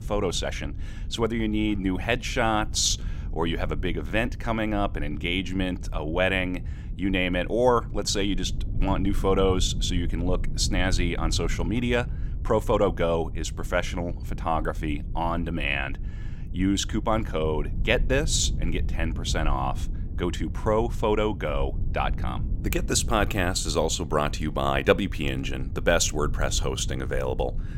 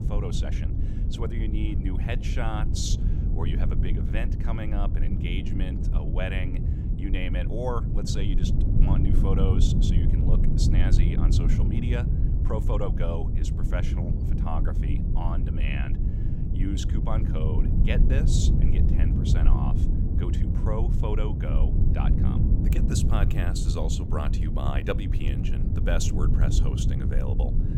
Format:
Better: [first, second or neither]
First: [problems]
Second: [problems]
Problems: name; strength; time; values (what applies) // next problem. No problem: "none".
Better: first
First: low rumble; faint; throughout; 20 dB below the speech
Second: low rumble; loud; throughout; 3 dB below the speech